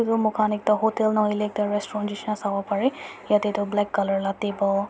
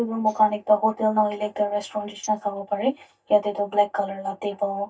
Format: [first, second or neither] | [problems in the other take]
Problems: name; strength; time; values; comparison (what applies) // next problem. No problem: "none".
first | noise reduction (neural mask model DeepFilterNet 3)